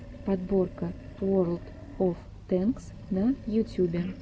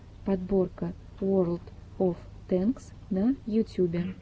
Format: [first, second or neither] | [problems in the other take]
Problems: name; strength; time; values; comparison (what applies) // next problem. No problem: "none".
second | background sound (Animal); 16 dB below the speech